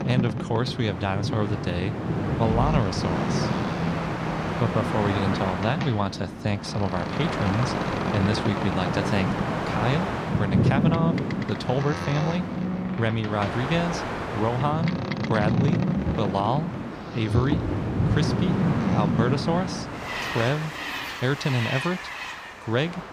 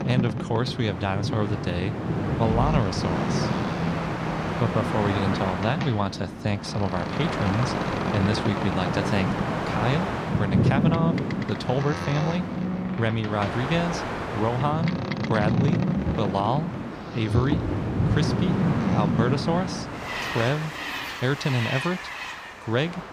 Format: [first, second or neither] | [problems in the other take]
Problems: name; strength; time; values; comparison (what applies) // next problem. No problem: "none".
neither | train or aircraft noise; very loud; throughout; as loud as the speech; the same in both